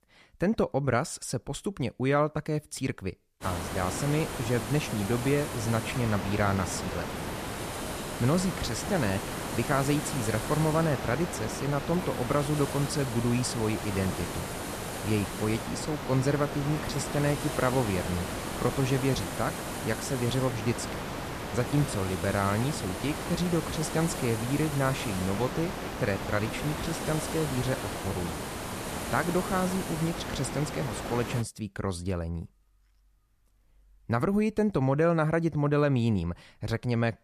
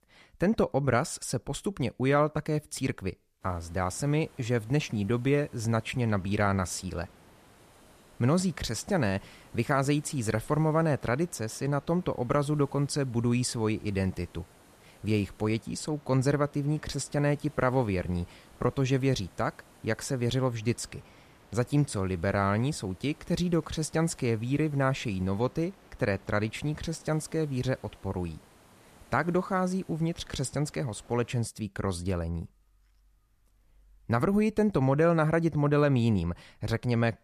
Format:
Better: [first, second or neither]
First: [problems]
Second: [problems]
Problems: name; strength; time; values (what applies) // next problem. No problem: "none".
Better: second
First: hiss; loud; from 3.5 to 31 s; 5 dB below the speech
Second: hiss; faint; from 3.5 to 31 s; 25 dB below the speech